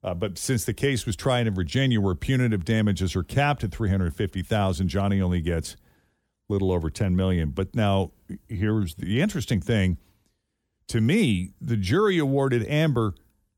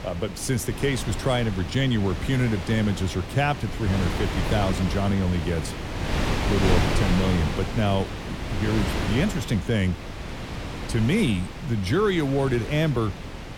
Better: first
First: none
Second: wind noise on the microphone; heavy; 4 dB below the speech

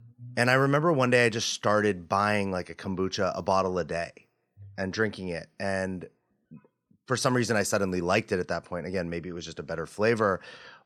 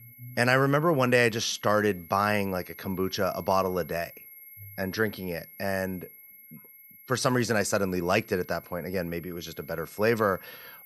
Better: first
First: none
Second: high-pitched whine; noticeable; throughout; 11.5 kHz, 20 dB below the speech

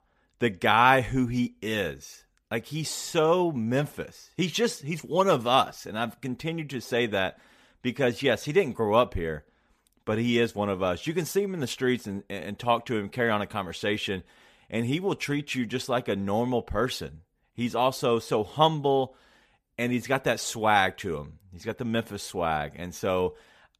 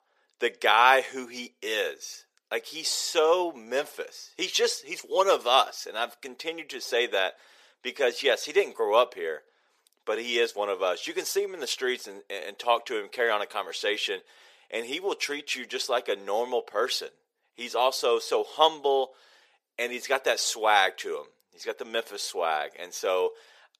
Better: first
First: none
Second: thin; very; fading below 400 Hz

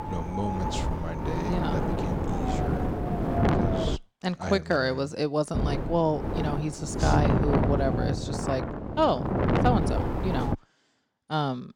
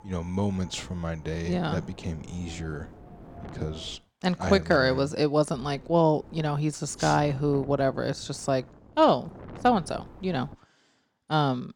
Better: second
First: wind noise on the microphone; heavy; until 4 s and from 5.5 to 11 s; 2 dB below the speech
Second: wind noise on the microphone; occasional gusts; until 4 s and from 5.5 to 11 s; 25 dB below the speech

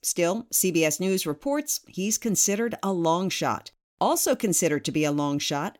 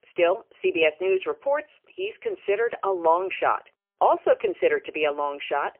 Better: first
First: none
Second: phone-call audio; poor line; nothing above 3 kHz

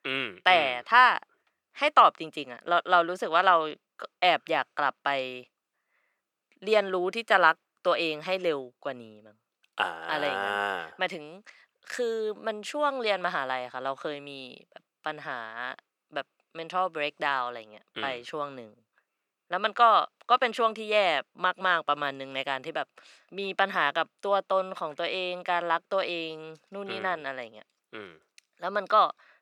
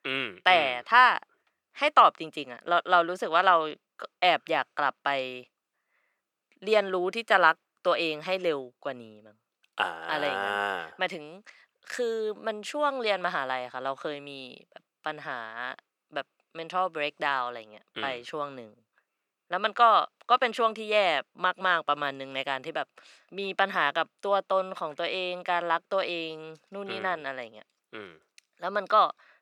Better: neither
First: thin; very; fading below 500 Hz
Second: thin; very; fading below 500 Hz

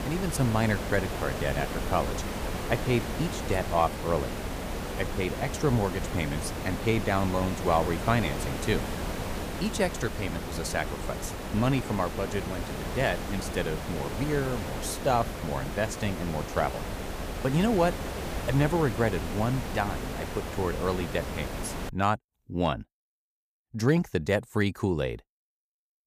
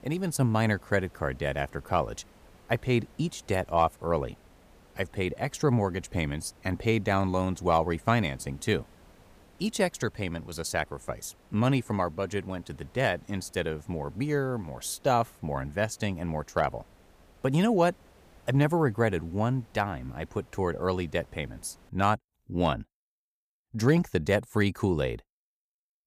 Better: second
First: hiss; loud; until 22 s; 5 dB below the speech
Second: hiss; faint; until 22 s; 30 dB below the speech

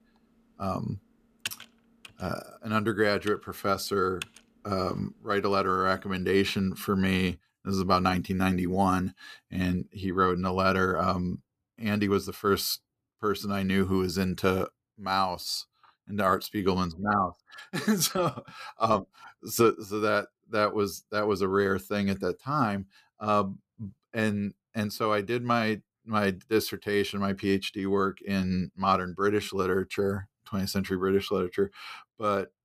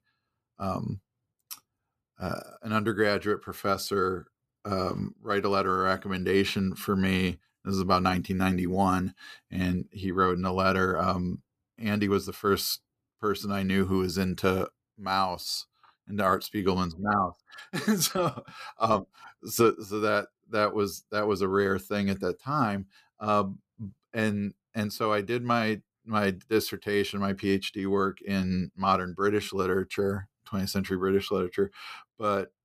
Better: second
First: keyboard typing; noticeable; from 1.5 to 4.5 s; peak 9 dB below the speech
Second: none

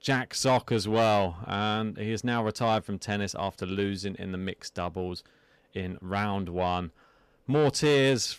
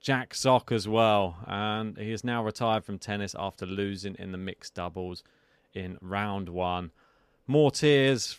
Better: second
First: distortion; slight; 10 dB below the speech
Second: none

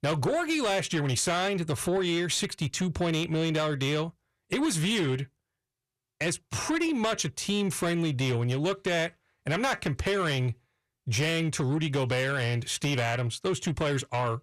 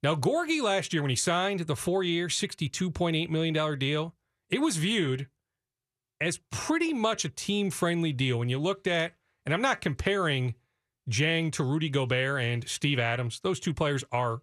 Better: second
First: distortion; slight; 10 dB below the speech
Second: none

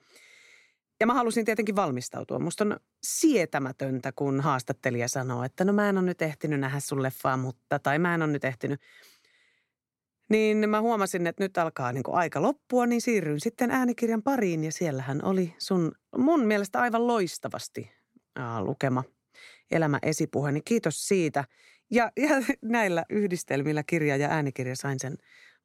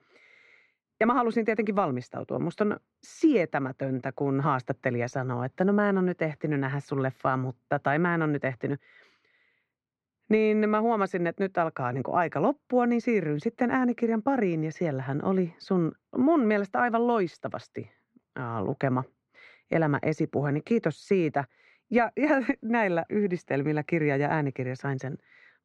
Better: first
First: none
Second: muffled; very; fading above 2.5 kHz

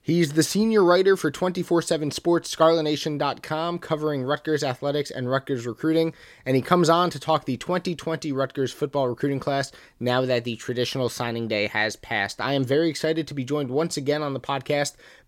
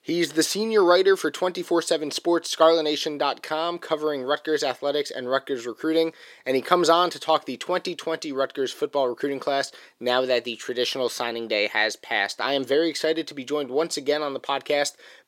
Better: first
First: none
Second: thin; somewhat; fading below 400 Hz

